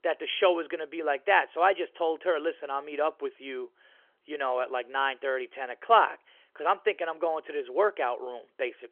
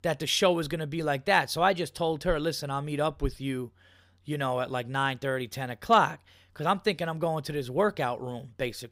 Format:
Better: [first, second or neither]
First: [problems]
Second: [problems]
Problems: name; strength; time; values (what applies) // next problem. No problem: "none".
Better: second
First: phone-call audio; nothing above 3.5 kHz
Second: none